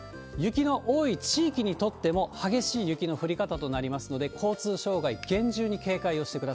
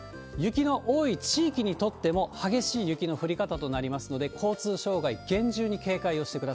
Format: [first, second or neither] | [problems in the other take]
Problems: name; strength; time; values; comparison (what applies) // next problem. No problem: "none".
second | background sound (Finger snapping); 20 dB below the speech